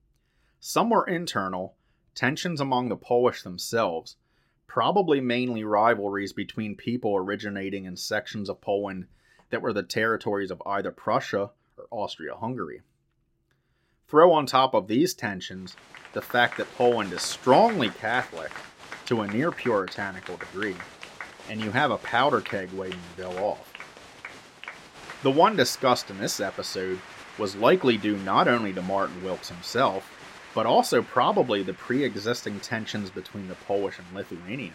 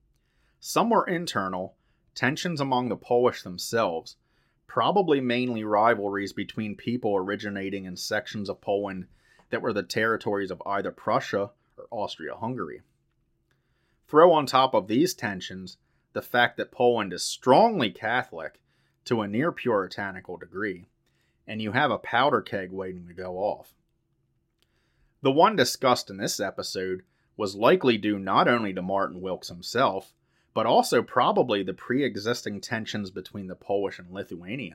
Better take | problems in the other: second | crowd noise; noticeable; from 16 s on; 15 dB below the speech

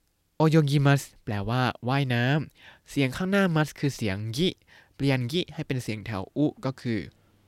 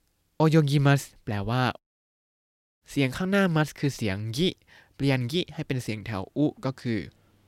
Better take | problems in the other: first | audio cutting out; at 2 s for 1 s

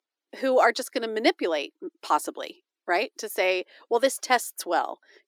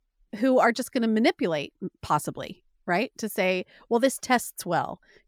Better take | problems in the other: second | thin; somewhat; fading below 300 Hz

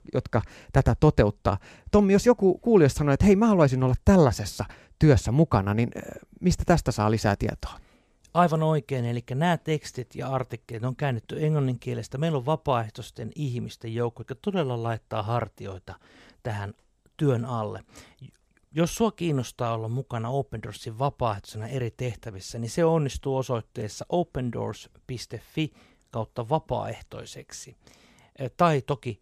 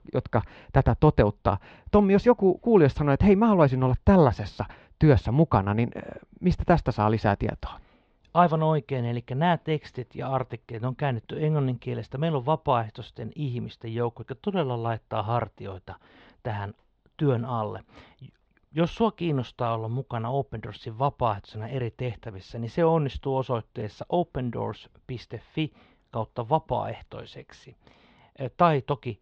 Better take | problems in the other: first | muffled; slightly; fading above 3.5 kHz

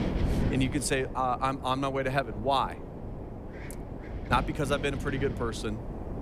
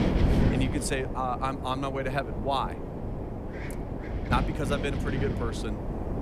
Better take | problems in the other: first | wind noise on the microphone; heavy; 6 dB below the speech; occasional gusts in the first

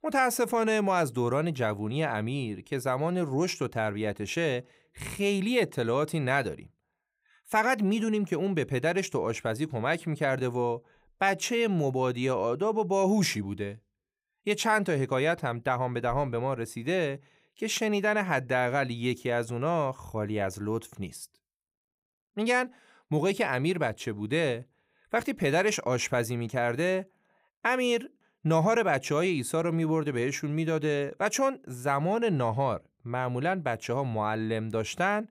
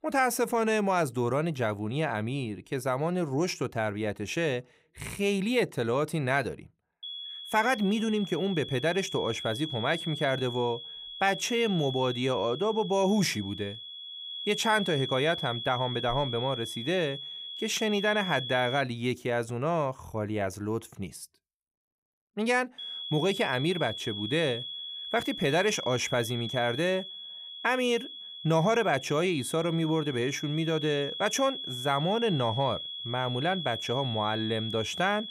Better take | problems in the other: first | high-pitched whine; loud; from 7 to 19 s and from 23 s on; 3.5 kHz, 7 dB below the speech

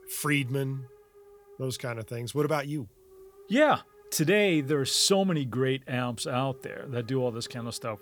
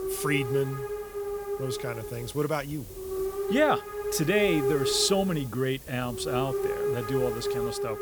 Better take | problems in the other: first | hiss; loud; throughout; 3 dB below the speech; faint in the first

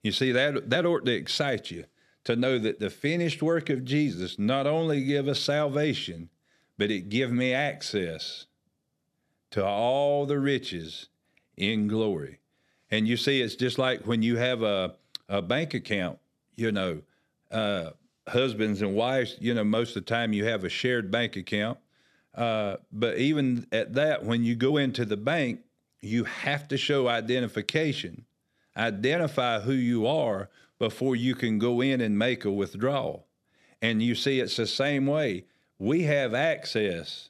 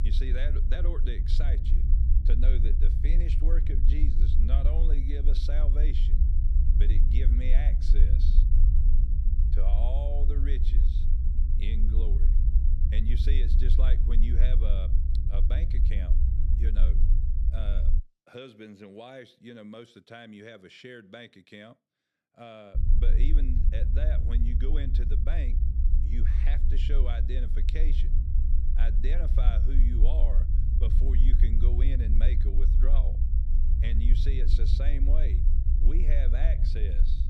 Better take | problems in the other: first | low rumble; loud; until 18 s and from 23 s on; 4 dB below the speech

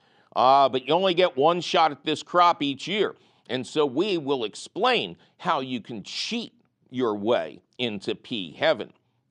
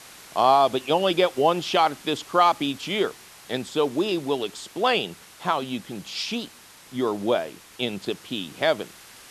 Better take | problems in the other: first | hiss; faint; throughout; 20 dB below the speech

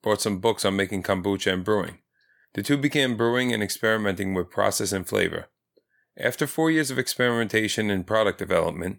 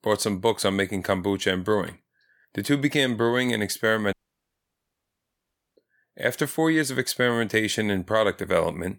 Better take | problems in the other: first | audio cutting out; at 4 s for 1.5 s

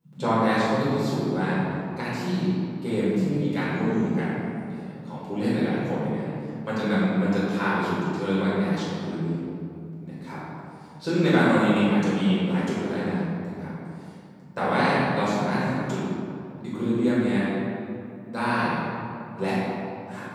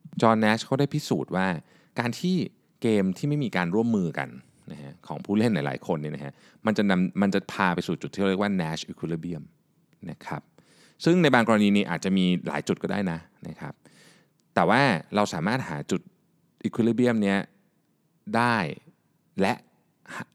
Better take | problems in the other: second | off-mic speech; far // room echo; strong; dies away in 2.3 s

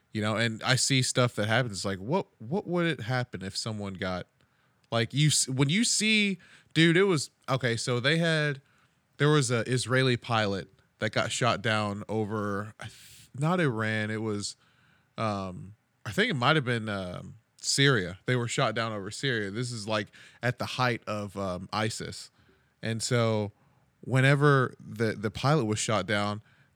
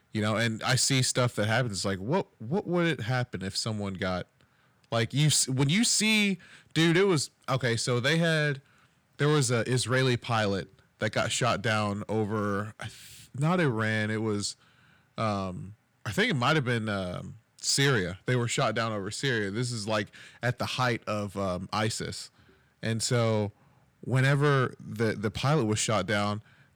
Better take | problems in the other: first | distortion; slight; 10 dB below the speech

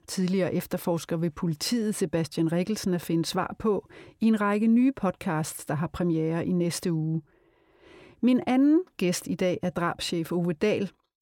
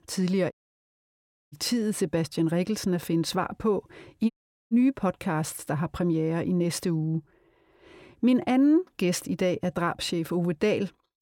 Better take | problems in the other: first | audio cutting out; at 0.5 s for 1 s and at 4.5 s

